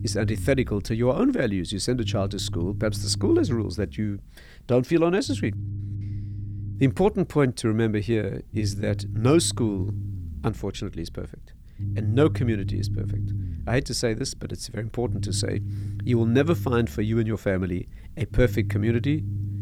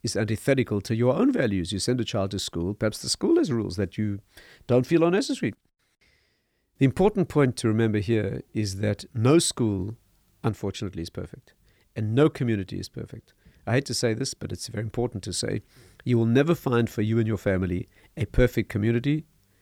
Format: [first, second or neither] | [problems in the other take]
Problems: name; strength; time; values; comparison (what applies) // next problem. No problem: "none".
second | low rumble; noticeable; throughout; 15 dB below the speech